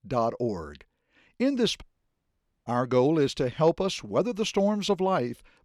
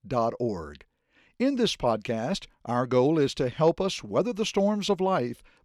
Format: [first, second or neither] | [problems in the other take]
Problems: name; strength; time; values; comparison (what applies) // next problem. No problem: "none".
second | audio cutting out; at 2 s for 1 s